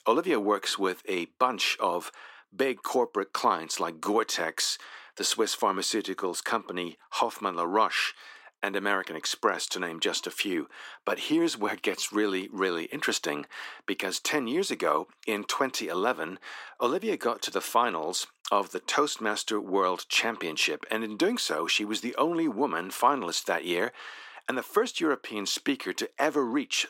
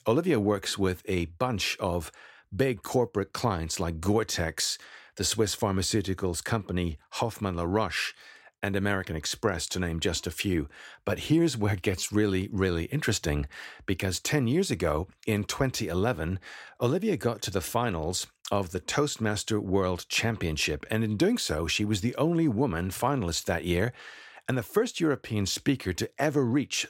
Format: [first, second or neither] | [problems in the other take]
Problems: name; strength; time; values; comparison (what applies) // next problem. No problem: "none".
second | thin; somewhat; fading below 250 Hz